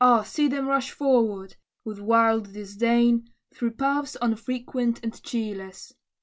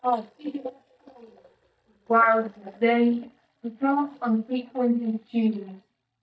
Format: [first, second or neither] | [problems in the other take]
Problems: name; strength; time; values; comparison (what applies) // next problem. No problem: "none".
first | noise reduction (neural mask model DeepFilterNet 3)